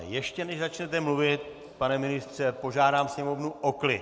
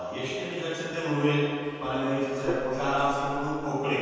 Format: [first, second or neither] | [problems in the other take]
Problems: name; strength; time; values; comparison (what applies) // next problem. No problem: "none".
first | background sound (Gong); 9 dB below the speech // room echo; dies away in 2 s